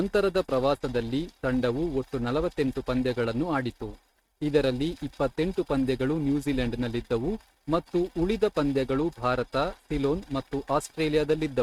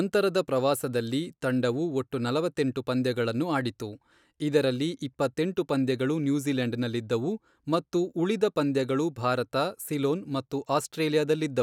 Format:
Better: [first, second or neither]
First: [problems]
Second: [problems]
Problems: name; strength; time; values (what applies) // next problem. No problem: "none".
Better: second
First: noise reduction (neural mask model RNNoise)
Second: none